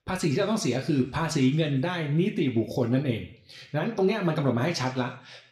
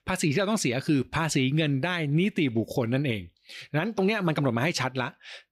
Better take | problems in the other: second | room echo; very slight; dies away in 0.5 s

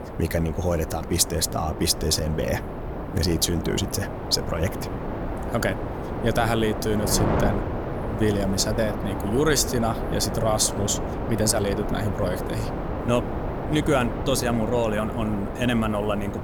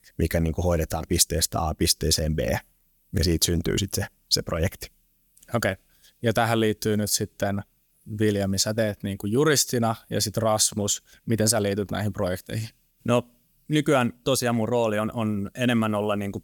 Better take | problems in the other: second | wind noise on the microphone; heavy; 6 dB below the speech

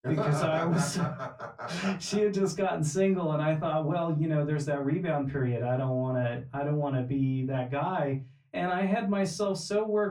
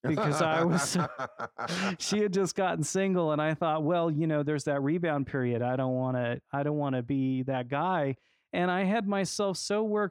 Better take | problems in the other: second | off-mic speech; far // room echo; very slight; dies away in 0.3 s

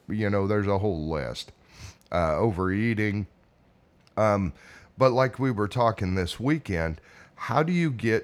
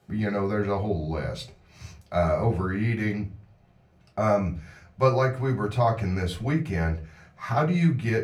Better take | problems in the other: first | off-mic speech; far // room echo; very slight; dies away in 0.3 s

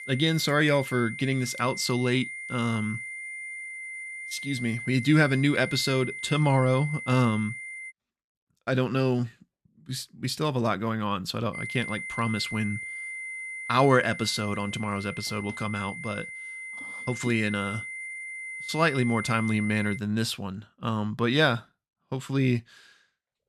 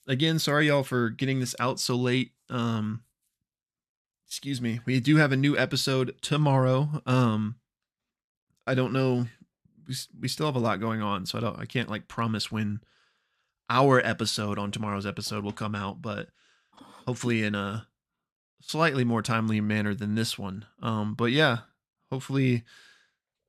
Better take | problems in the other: second | high-pitched whine; loud; until 8 s and from 12 to 20 s; 2 kHz, 9 dB below the speech

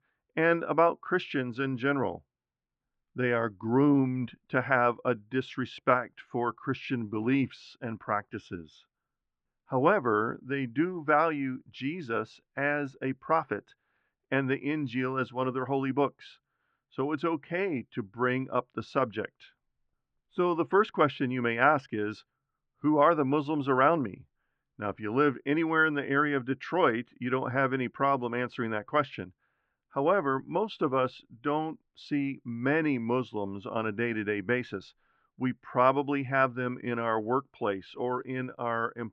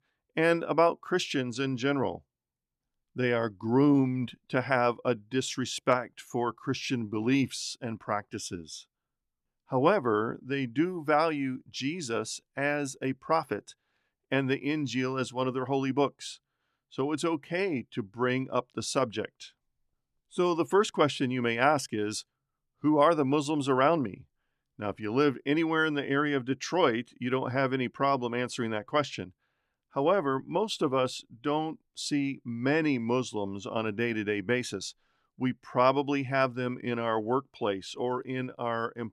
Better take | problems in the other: second | muffled; very; fading above 2.5 kHz

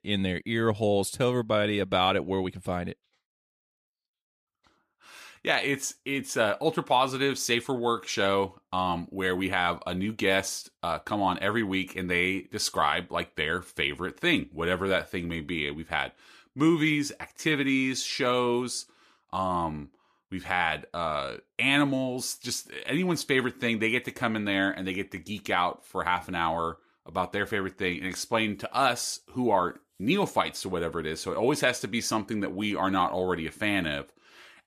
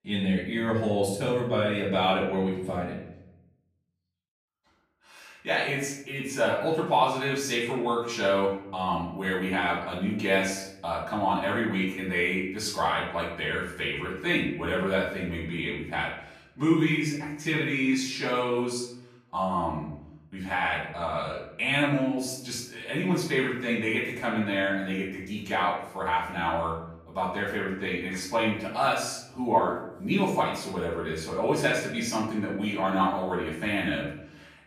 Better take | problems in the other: first | room echo; noticeable; dies away in 0.7 s // off-mic speech; far

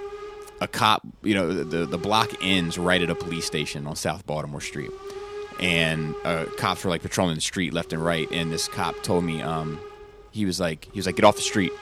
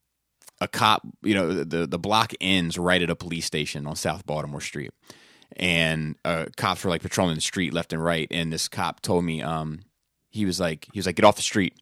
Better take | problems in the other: second | hiss; noticeable; throughout; 15 dB below the speech

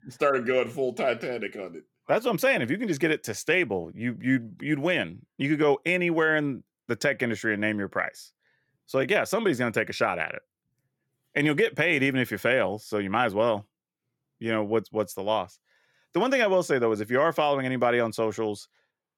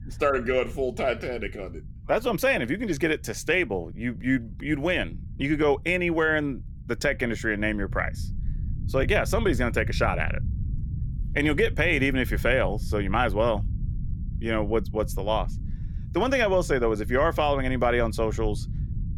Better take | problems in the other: first | low rumble; faint; throughout; 25 dB below the speech

